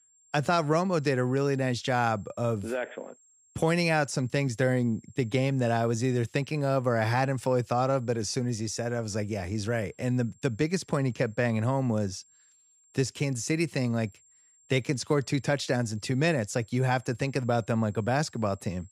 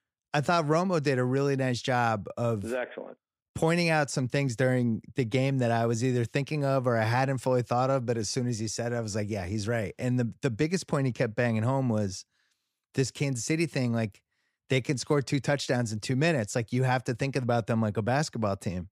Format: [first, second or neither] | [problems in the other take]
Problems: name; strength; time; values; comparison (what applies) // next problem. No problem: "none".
second | high-pitched whine; faint; throughout; 7.5 kHz, 30 dB below the speech